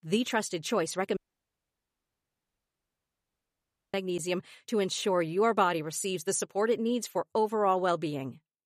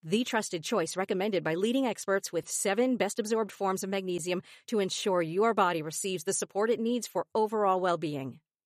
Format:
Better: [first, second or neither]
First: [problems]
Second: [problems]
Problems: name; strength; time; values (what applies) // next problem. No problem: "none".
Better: second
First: audio cutting out; at 1 s for 3 s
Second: none